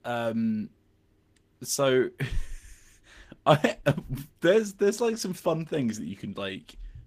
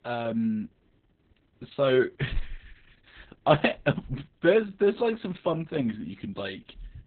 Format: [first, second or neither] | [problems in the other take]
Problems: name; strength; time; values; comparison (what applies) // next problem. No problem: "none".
first | garbled, watery; badly; nothing above 4 kHz; slightly in the first